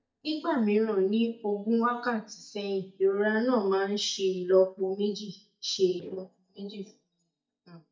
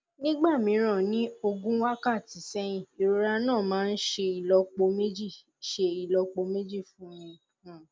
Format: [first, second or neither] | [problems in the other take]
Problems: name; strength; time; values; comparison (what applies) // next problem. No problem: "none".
second | noise reduction (neural mask model DeepFilterNet 3)